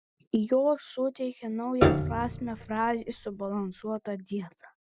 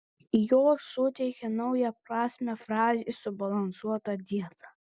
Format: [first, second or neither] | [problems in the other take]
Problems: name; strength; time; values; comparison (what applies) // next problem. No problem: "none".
second | background sound (Piano); 1 dB above the speech